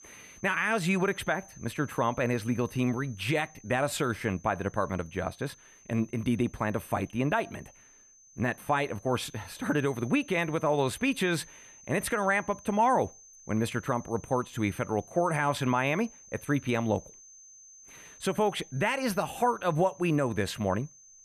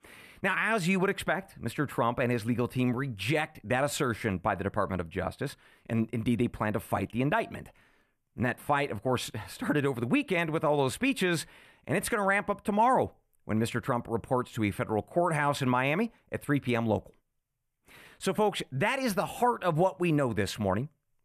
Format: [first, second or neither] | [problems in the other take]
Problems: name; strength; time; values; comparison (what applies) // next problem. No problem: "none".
second | high-pitched whine; faint; throughout; 6 kHz, 20 dB below the speech